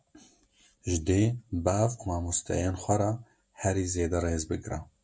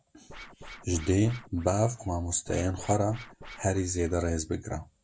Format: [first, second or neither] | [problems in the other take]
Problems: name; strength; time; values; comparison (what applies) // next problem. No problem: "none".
first | background sound (Scratching (performance technique)); 18 dB below the speech